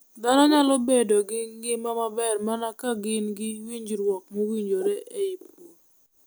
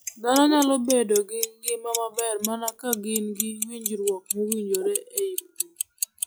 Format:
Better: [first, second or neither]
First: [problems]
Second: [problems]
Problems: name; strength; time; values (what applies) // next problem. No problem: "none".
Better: first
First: none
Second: noise reduction (classical method log-MMSE)